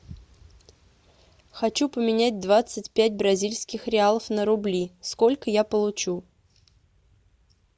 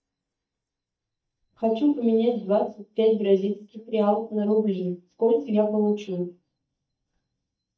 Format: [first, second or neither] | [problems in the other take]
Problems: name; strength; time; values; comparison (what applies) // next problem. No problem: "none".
first | noise reduction (neural mask model DeepFilterNet 3)